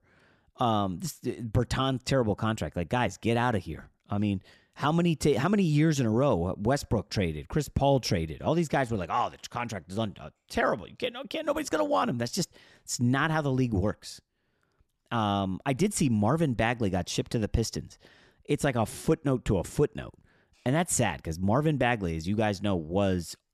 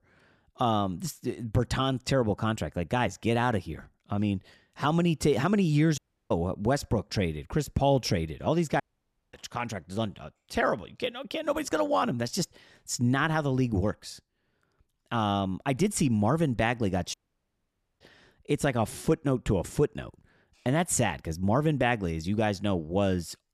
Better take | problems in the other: first | audio cutting out; at 6 s, at 9 s for 0.5 s and at 17 s for 1 s

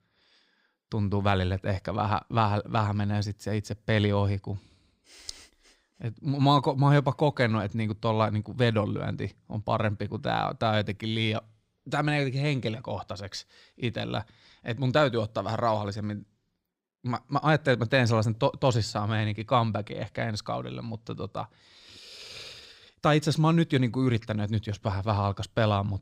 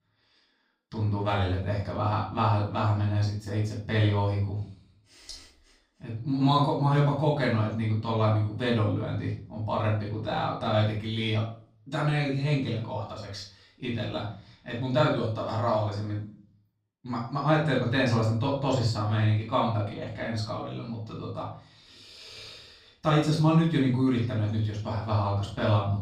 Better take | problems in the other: first | off-mic speech; far // room echo; noticeable; dies away in 0.4 s

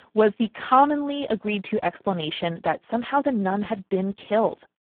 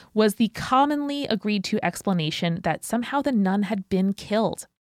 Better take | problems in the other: second | phone-call audio; poor line

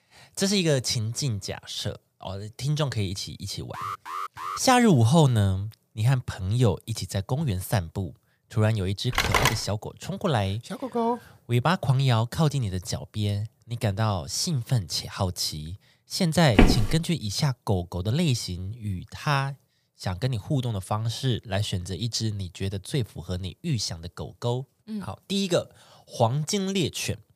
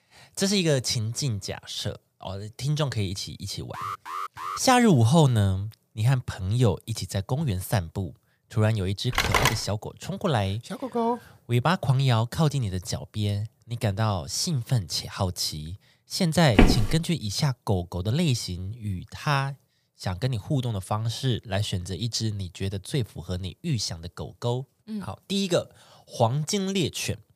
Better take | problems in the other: neither | alarm; noticeable; at 3.5 s; peak 6 dB below the speech; the same in both // phone ringing; loud; at 9 s; peak 4 dB above the speech; the same in both // footsteps; loud; at 17 s; peak 6 dB above the speech; the same in both

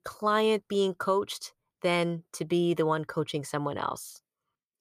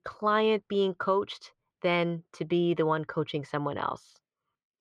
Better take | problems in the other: first | muffled; slightly; fading above 3 kHz

